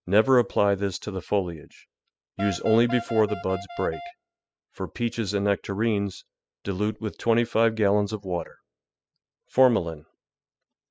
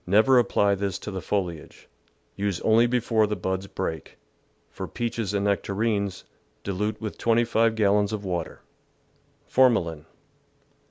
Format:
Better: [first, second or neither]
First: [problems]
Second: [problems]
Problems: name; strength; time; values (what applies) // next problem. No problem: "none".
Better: second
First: noise reduction (classical method spectral subtraction)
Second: none